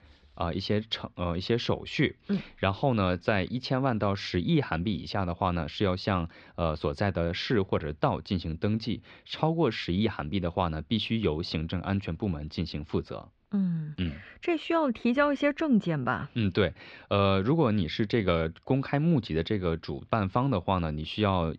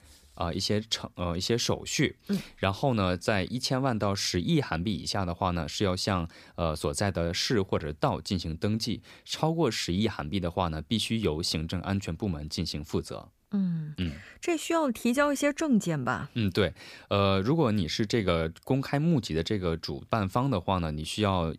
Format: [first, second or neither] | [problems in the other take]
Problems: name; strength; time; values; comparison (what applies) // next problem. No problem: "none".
second | muffled; slightly; fading above 3.5 kHz